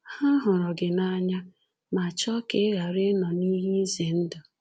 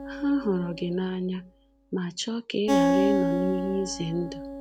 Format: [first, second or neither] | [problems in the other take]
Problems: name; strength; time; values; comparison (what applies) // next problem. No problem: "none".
first | background sound (Acoustic guitar); as loud as the speech